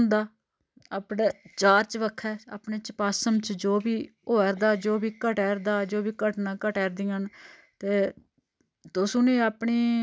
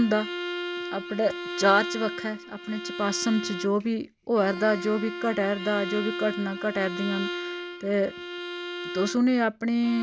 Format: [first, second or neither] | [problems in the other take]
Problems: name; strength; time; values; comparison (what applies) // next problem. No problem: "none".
first | background sound (Bowed string instrument); 8 dB below the speech